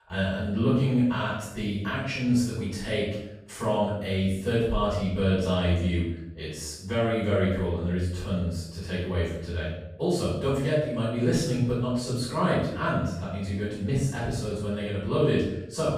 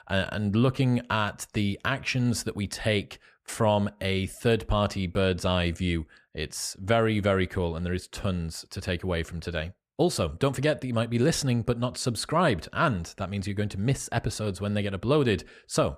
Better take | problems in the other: second | off-mic speech; far // room echo; strong; dies away in 0.8 s

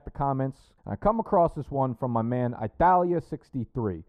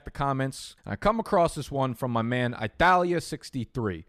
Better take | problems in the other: second | muffled; very; fading above 1.5 kHz

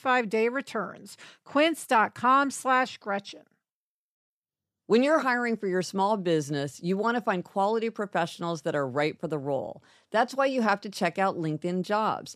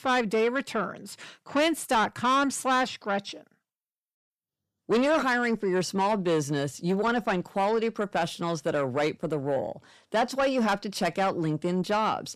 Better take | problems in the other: first | distortion; slight; 10 dB below the speech

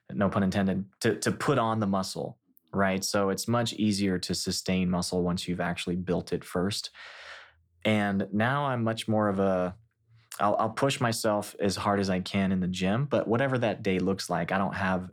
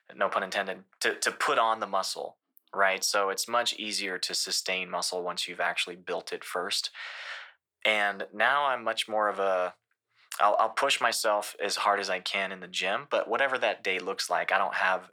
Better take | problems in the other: first | thin; very; fading below 750 Hz

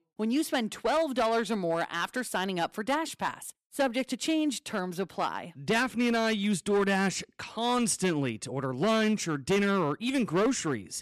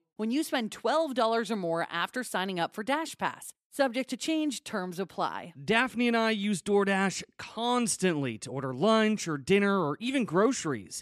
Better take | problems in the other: second | distortion; slight; 7% of the sound clipped

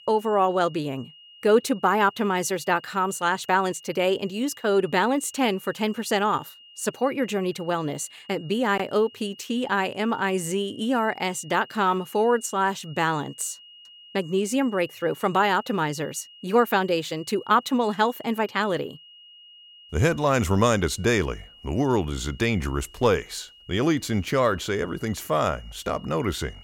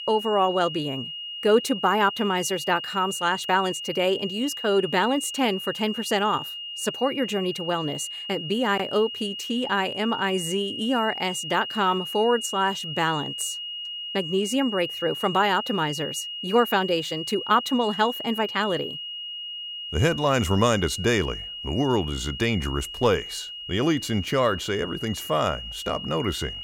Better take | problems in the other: first | high-pitched whine; loud; throughout; 3 kHz, 7 dB below the speech; faint in the first

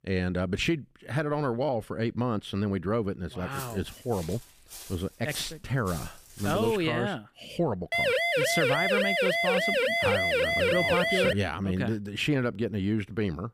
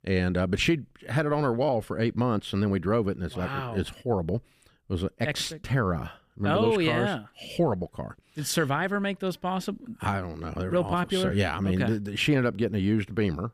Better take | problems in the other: second | footsteps; noticeable; from 3.5 to 7 s; peak 10 dB below the speech // siren; loud; from 8 to 11 s; peak 6 dB above the speech

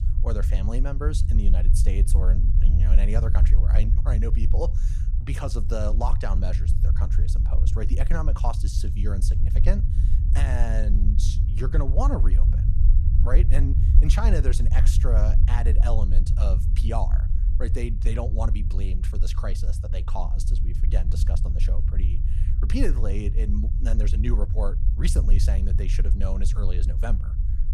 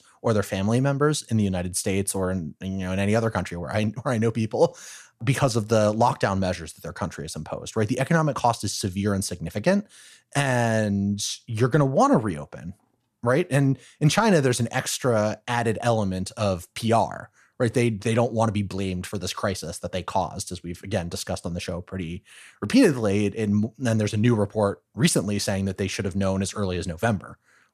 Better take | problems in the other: second | low rumble; loud; throughout; 7 dB below the speech

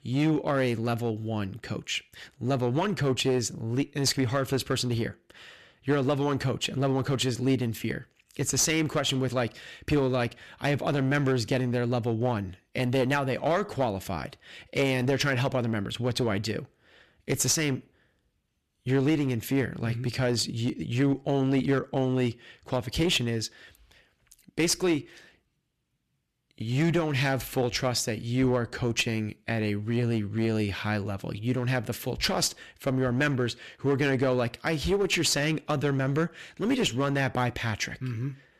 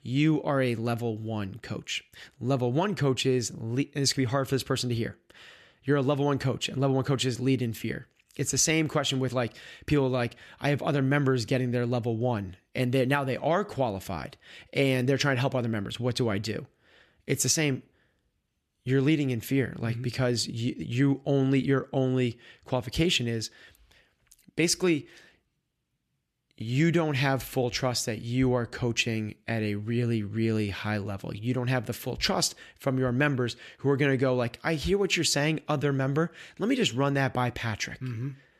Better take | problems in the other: second | distortion; slight; 6% of the sound clipped

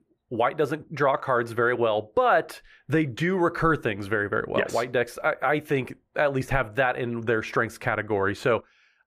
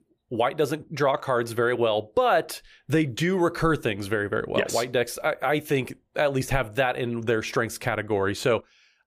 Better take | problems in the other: second | muffled; slightly; fading above 3 kHz

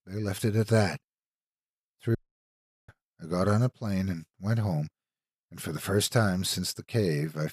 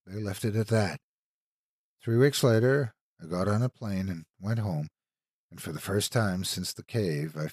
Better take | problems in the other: second | audio cutting out; at 2 s for 0.5 s

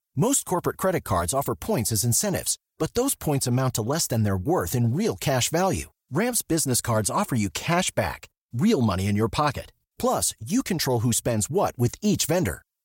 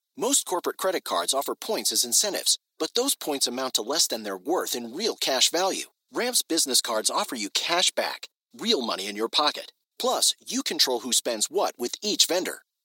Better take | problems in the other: first | thin; somewhat; fading below 300 Hz

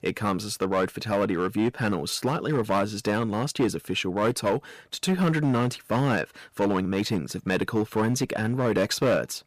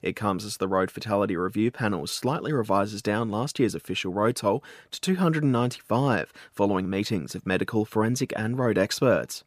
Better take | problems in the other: second | distortion; slight; 6% of the sound clipped

